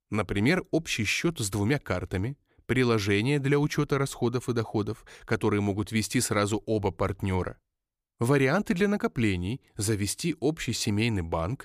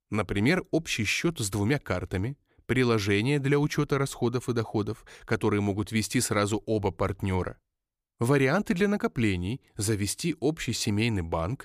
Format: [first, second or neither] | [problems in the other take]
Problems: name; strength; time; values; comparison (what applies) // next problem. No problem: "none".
neither | none